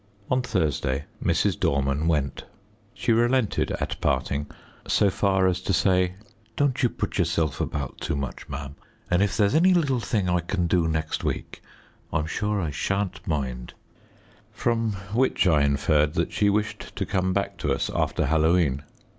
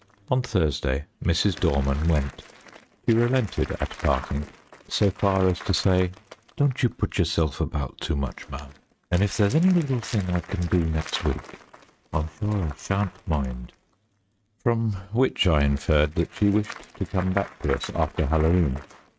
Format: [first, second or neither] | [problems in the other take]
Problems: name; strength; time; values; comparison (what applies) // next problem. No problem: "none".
first | noise reduction (neural mask model RNNoise)